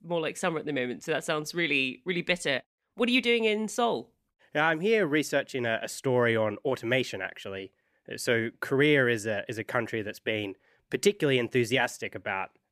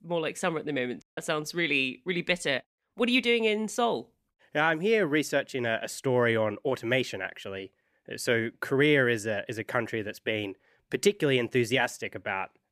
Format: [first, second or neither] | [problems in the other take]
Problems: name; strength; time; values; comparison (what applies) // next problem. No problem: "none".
first | audio cutting out; at 1 s